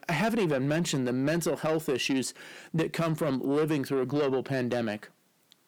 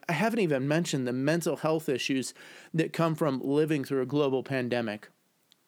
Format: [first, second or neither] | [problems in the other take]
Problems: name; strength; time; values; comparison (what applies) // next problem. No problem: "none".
second | distortion; slight; 10 dB below the speech